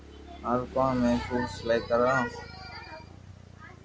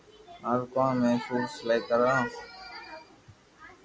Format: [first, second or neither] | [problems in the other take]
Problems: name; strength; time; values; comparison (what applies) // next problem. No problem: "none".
second | background sound (Motorcycle / Engine); 15 dB below the speech